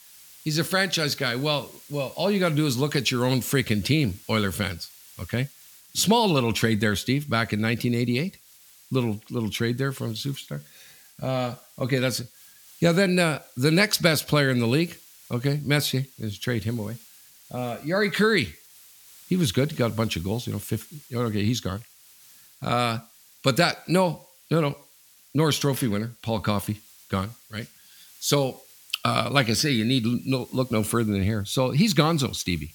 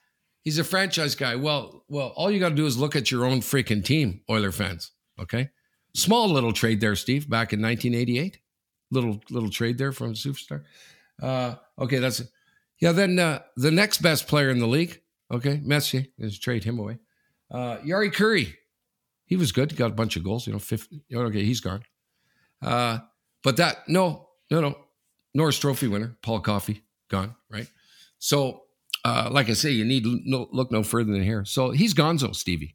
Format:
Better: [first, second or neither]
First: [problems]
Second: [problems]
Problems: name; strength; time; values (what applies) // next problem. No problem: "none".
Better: second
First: hiss; faint; throughout; 25 dB below the speech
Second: none